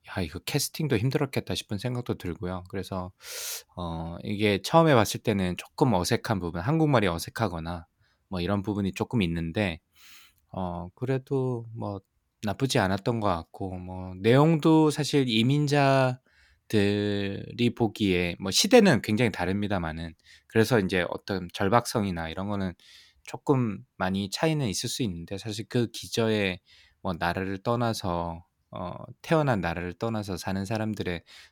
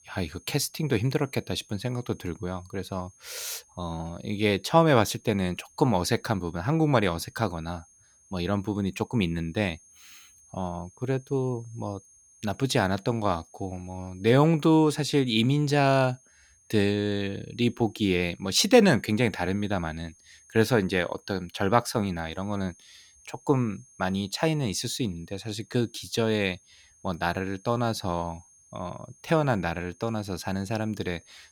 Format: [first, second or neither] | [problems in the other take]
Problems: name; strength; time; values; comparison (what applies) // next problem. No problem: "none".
first | high-pitched whine; faint; throughout; 6.5 kHz, 30 dB below the speech